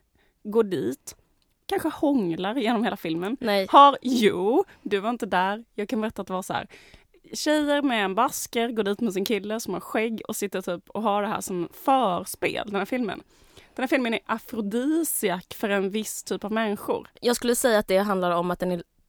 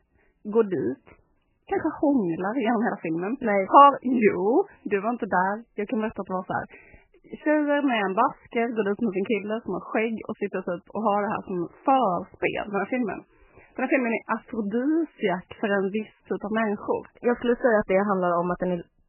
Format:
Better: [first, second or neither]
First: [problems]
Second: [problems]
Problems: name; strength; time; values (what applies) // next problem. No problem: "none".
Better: first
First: none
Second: garbled, watery; badly; nothing above 3 kHz